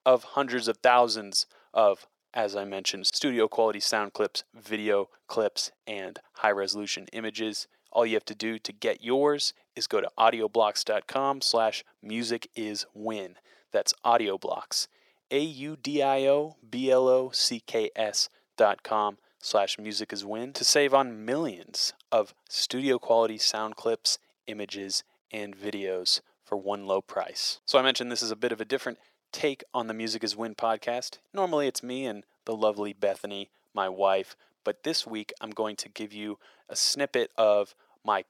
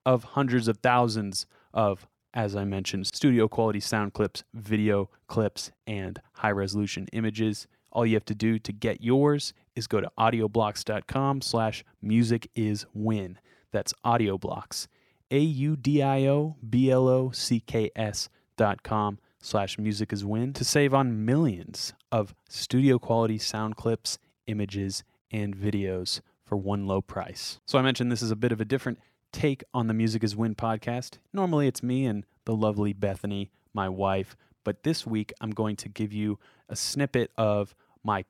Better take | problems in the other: second | thin; somewhat; fading below 500 Hz

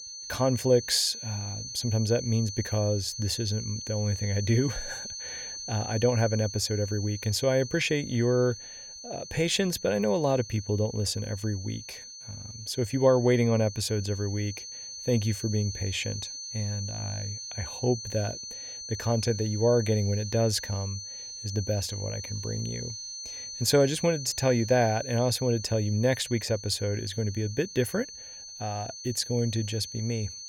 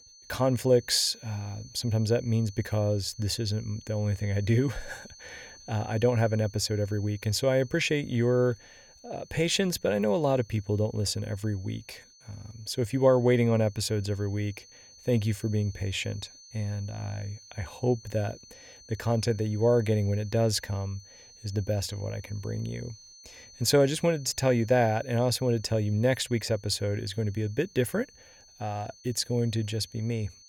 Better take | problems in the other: second | high-pitched whine; loud; throughout; 6 kHz, 9 dB below the speech; faint in the second

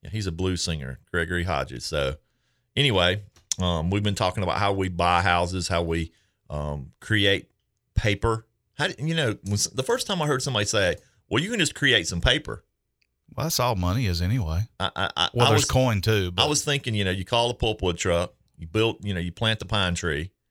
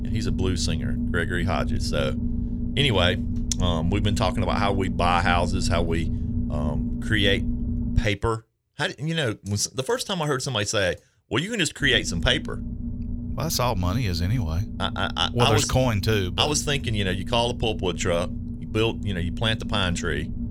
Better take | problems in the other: first | low rumble; noticeable; until 8 s and from 12 s on; 15 dB below the speech

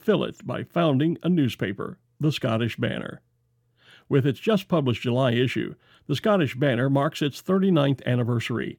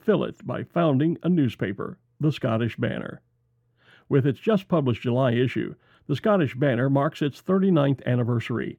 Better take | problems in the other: first | muffled; slightly; fading above 2.5 kHz

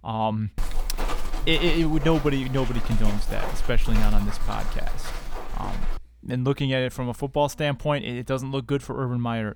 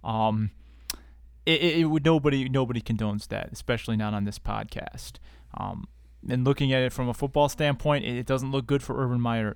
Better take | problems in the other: second | footsteps; noticeable; from 0.5 to 6 s; peak 1 dB below the speech

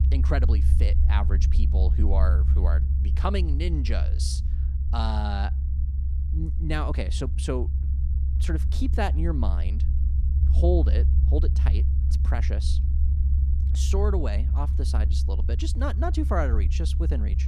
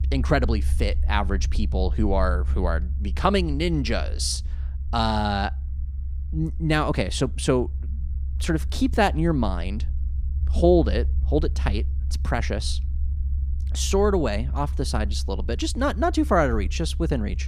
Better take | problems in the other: second | low rumble; loud; throughout; 9 dB below the speech; faint in the second

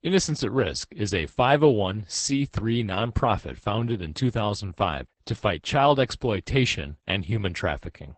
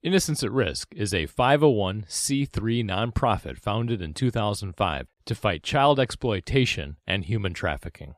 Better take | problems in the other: second | garbled, watery; badly; nothing above 8 kHz

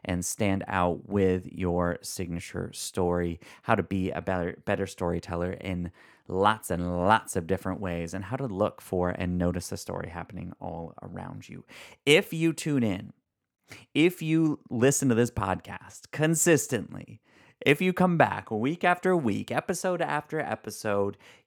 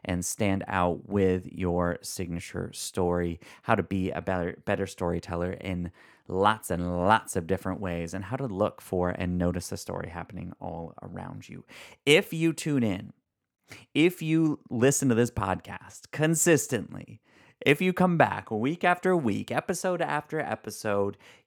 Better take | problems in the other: neither | none

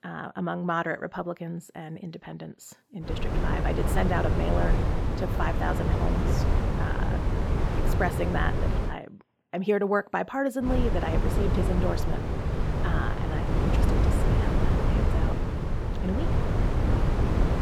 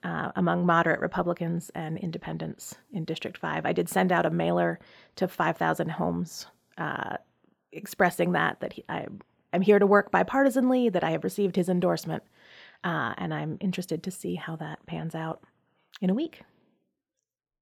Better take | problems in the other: second | wind noise on the microphone; heavy; from 3 to 9 s and from 11 s on; 2 dB below the speech

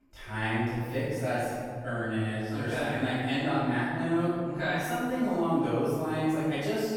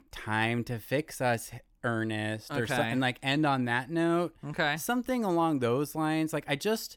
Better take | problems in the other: second | room echo; strong; dies away in 2 s // off-mic speech; far

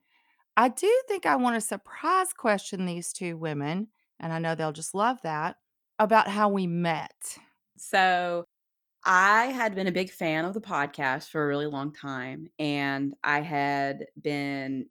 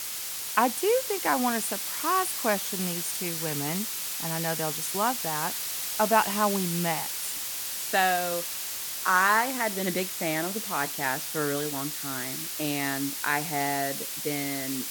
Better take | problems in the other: first | hiss; loud; throughout; 2 dB below the speech

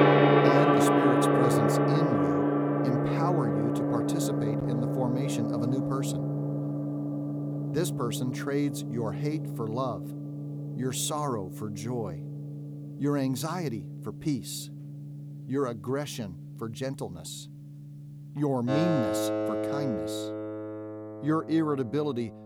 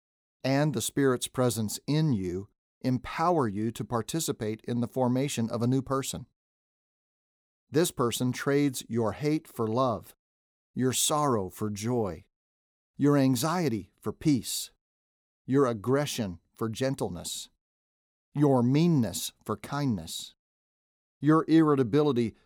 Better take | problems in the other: second | background music; very loud; throughout; 4 dB above the speech

